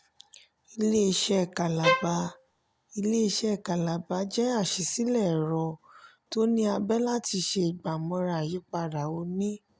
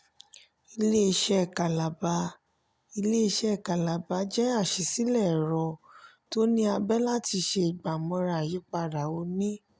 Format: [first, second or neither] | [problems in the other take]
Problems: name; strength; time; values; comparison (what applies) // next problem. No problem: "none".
second | background sound (Bowed string instrument); as loud as the speech